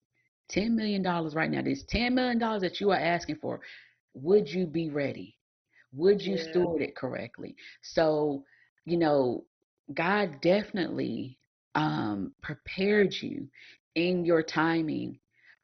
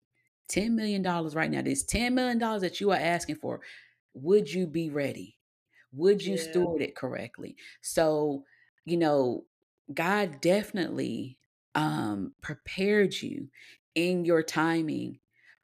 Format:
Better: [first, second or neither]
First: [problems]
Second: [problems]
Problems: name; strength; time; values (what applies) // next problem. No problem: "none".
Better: second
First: garbled, watery; badly; nothing above 6 kHz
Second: none